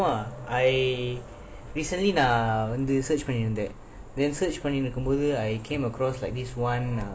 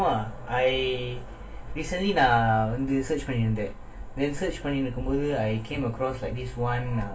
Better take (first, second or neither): first